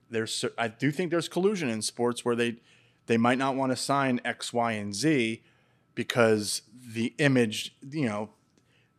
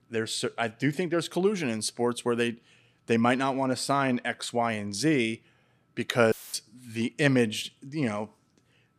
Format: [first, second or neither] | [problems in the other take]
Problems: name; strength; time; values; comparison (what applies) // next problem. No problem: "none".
first | audio cutting out; filled with static; at 6.5 s